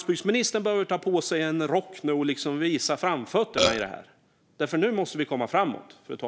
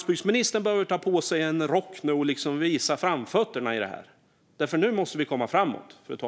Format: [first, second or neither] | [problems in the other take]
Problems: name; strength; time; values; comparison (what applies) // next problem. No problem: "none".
second | background sound (Burping, eructation); 2 dB above the speech